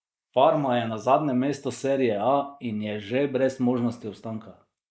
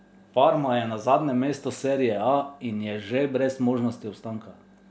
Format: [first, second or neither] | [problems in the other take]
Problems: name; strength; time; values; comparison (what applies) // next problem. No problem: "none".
second | noise reduction (neural mask model Resemble Enhance denoiser)